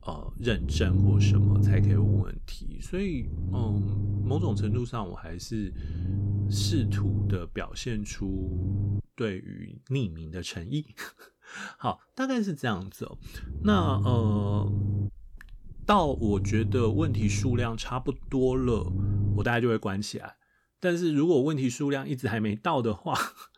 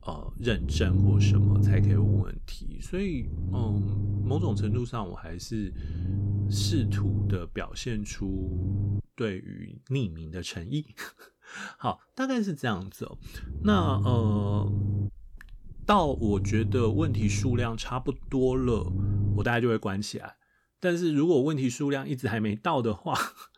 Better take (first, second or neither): neither